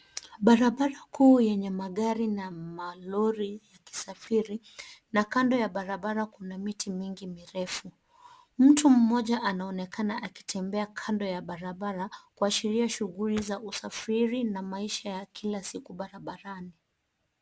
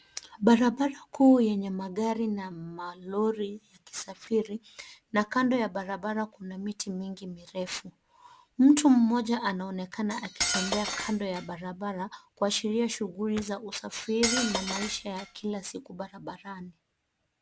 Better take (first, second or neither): first